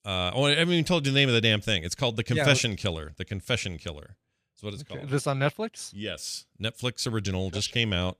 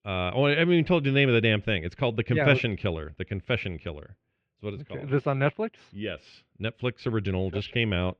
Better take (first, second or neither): first